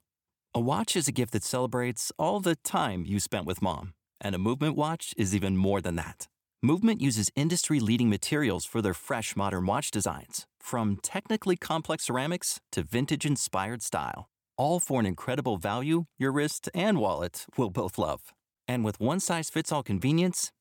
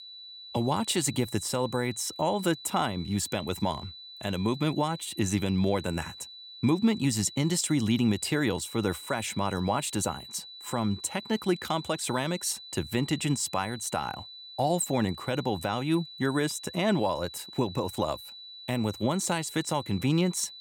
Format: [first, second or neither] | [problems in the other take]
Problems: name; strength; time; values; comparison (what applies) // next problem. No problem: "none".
first | high-pitched whine; noticeable; throughout; 4 kHz, 15 dB below the speech